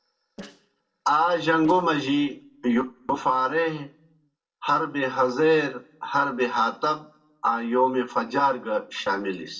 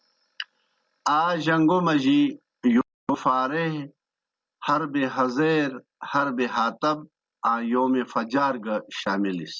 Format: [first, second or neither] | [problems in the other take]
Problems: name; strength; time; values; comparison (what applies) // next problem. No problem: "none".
second | noise reduction (neural separator model SepFormer DNS4)